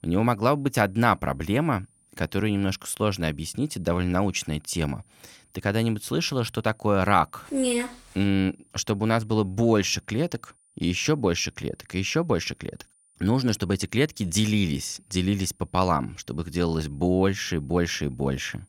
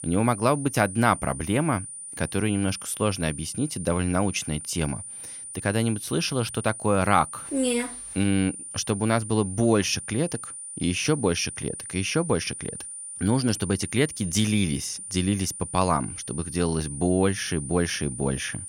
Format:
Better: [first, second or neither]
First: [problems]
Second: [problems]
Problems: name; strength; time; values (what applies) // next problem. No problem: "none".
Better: first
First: high-pitched whine; faint; throughout; 9.5 kHz, 35 dB below the speech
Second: high-pitched whine; loud; throughout; 9.5 kHz, 9 dB below the speech